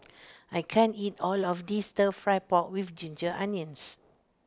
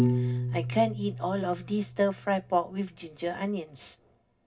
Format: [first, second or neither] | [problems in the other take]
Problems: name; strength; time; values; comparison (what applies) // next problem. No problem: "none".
first | background sound (Piano); 3 dB below the speech // room echo; dies away in 0.4 s